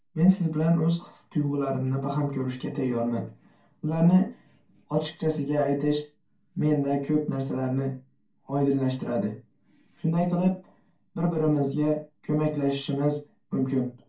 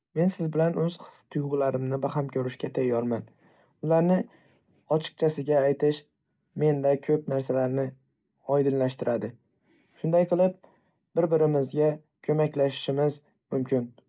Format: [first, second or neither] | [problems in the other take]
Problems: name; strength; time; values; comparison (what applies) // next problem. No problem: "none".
second | room echo; dies away in 0.2 s